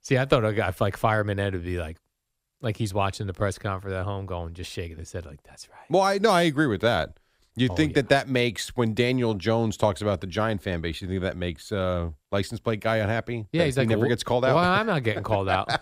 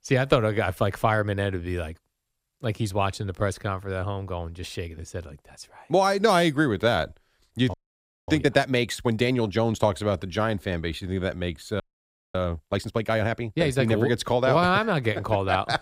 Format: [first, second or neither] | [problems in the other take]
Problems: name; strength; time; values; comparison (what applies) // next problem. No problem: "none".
first | audio freezing; at 7.5 s for 0.5 s and at 12 s for 0.5 s